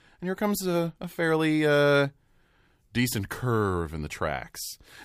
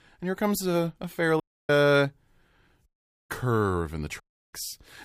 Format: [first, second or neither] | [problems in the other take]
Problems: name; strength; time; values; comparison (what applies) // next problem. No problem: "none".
first | audio cutting out; at 1.5 s, at 3 s and at 4 s